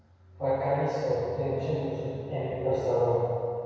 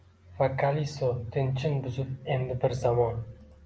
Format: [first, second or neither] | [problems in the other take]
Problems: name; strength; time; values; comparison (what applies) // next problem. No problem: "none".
second | room echo; dies away in 2.2 s